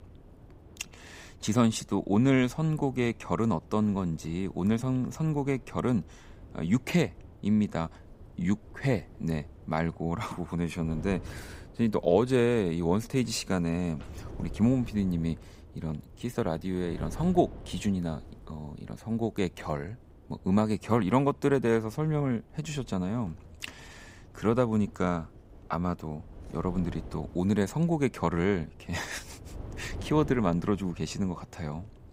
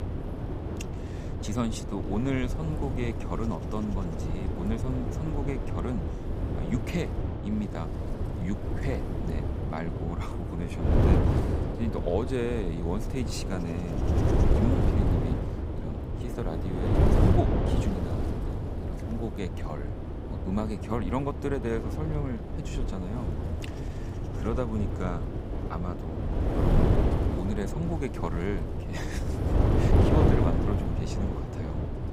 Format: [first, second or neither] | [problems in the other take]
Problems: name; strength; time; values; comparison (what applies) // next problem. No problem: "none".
first | wind noise on the microphone; heavy; 1 dB above the speech; occasional gusts in the first